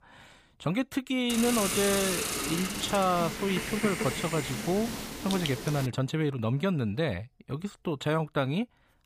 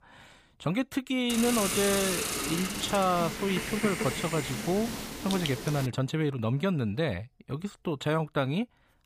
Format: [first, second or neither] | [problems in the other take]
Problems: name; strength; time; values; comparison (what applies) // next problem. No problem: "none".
neither | hiss; loud; from 1.5 to 6 s; 2 dB below the speech; the same in both